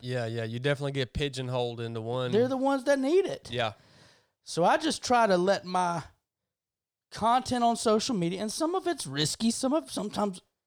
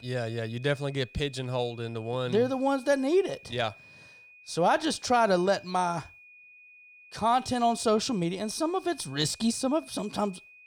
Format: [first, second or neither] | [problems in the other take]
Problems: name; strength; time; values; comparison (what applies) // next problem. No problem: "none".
first | high-pitched whine; faint; throughout; 2.5 kHz, 25 dB below the speech